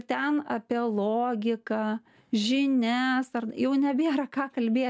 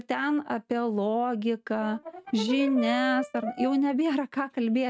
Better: first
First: none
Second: noise reduction (neural mask model RNNoise)

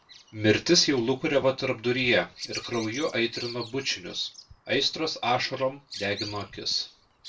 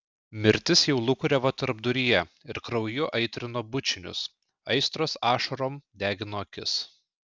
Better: second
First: background sound (Bird vocalization, bird call, bird song); 17 dB below the speech // room echo; dies away in 0.2 s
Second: none

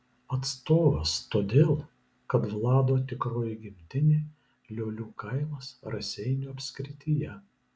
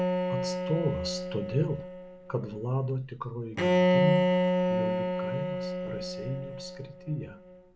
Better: first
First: none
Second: background sound (Bowed string instrument); 5 dB above the speech

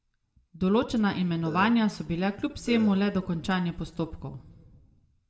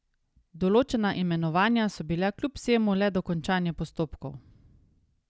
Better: second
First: background sound (Burping, eructation); 11 dB below the speech // room echo; dies away in 0.7 s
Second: none

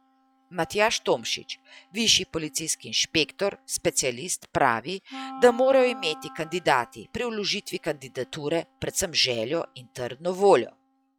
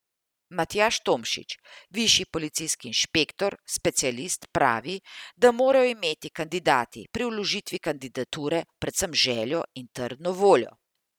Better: second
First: noise reduction (classical method log-MMSE)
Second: none

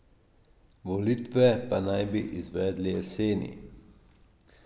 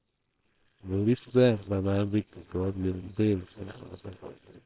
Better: first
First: none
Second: noise reduction (neural separator model SepFormer WHAMR!)

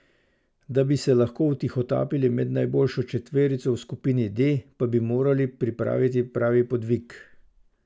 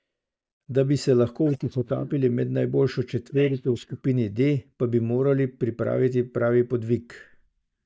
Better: first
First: none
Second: noise reduction (neural mask model DeepFilterNet 3)

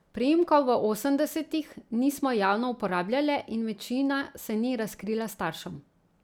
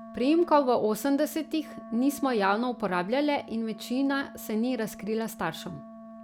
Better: first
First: none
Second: background sound (Wind instrument, woodwind instrument); 17 dB below the speech

